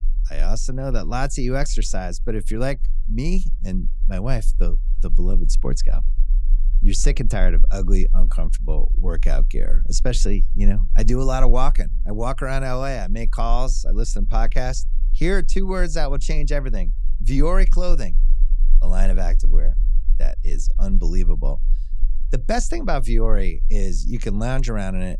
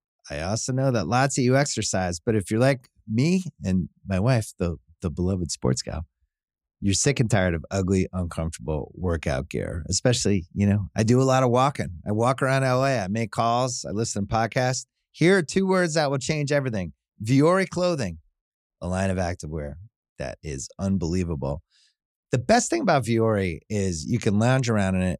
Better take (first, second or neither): second